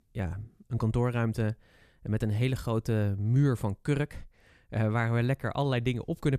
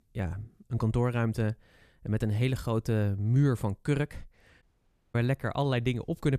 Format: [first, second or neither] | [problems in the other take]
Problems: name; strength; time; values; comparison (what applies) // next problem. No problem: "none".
first | audio cutting out; at 4.5 s for 0.5 s